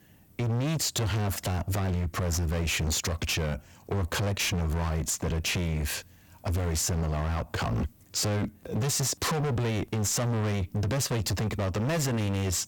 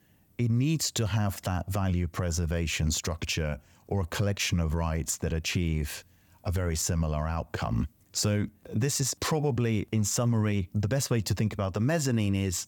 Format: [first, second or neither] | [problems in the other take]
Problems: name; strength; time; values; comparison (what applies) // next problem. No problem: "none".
second | distortion; heavy; 35% of the sound clipped